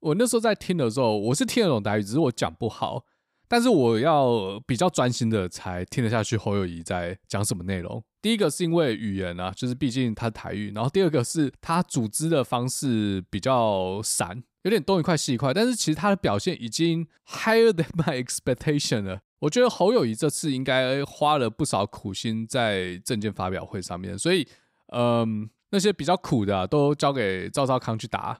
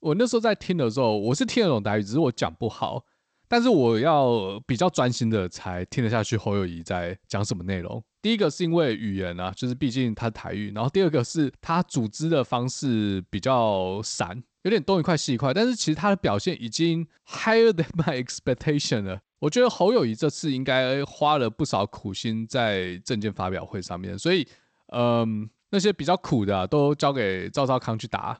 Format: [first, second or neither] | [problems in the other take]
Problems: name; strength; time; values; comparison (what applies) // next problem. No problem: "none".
first | garbled, watery; slightly; nothing above 8 kHz